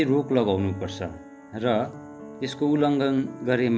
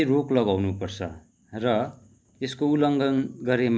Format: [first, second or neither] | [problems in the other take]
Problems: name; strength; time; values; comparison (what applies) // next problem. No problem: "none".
second | background sound (Piano); 16 dB below the speech